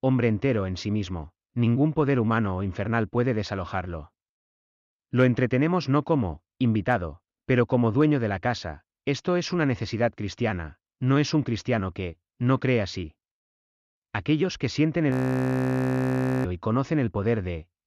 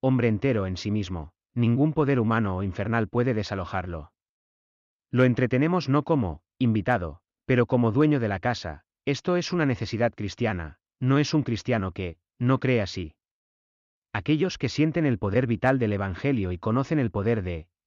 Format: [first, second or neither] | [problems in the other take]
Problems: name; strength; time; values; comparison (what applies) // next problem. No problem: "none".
second | audio freezing; at 15 s for 1.5 s